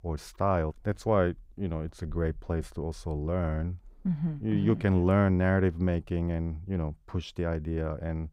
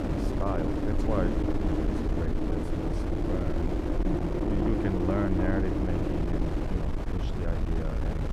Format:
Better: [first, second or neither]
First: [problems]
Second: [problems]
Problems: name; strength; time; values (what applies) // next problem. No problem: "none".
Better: first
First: none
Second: wind noise on the microphone; heavy; 4 dB above the speech